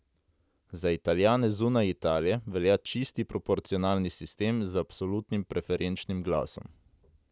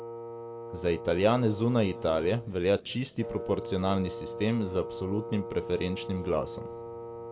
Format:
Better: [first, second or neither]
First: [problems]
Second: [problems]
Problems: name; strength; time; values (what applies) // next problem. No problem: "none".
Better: first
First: none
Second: background sound (Wind instrument, woodwind instrument); 10 dB below the speech // room echo; dies away in 1.7 s